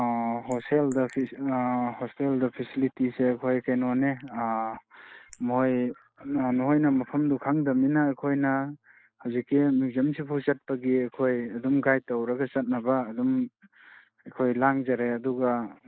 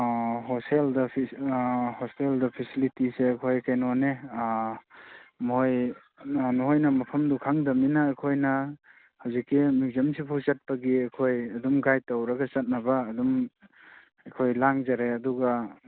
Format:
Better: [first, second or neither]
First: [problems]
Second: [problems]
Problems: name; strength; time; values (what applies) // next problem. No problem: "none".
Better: second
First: noise reduction (neural mask model Resemble Enhance denoiser)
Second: none